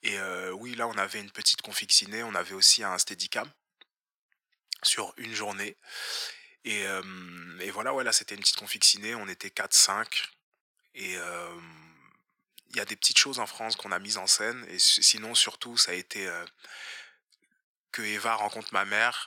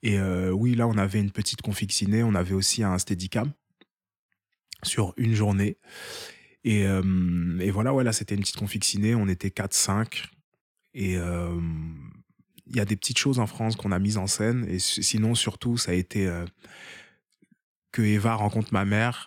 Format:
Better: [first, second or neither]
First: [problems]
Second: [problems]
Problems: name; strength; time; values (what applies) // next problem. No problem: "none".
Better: second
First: thin; very; fading below 700 Hz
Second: none